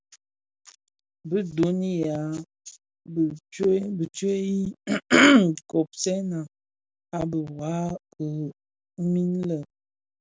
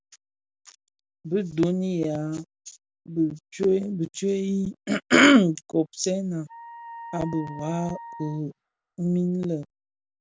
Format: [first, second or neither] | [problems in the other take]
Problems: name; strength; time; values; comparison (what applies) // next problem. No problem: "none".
first | background sound (Wind instrument, woodwind instrument); 17 dB below the speech